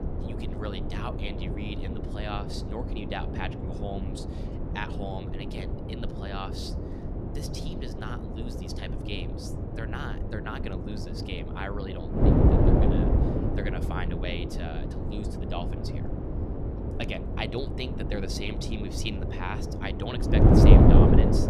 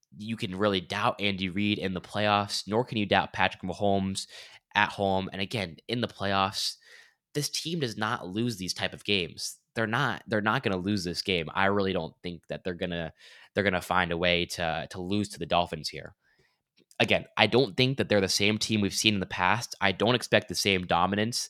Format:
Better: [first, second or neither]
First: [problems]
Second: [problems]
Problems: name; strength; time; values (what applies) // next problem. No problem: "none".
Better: second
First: wind noise on the microphone; heavy; 3 dB above the speech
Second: none